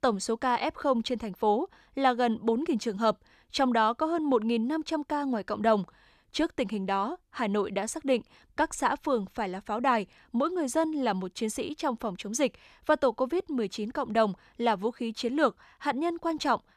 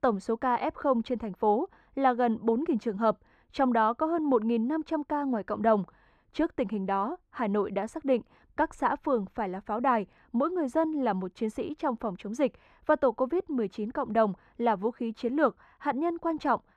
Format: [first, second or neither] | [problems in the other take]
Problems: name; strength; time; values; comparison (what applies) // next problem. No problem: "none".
first | muffled; very; fading above 2.5 kHz